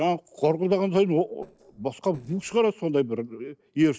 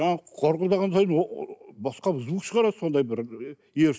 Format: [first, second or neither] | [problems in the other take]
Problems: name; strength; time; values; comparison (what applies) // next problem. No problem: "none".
second | noise reduction (neural separator model SepFormer DNS4)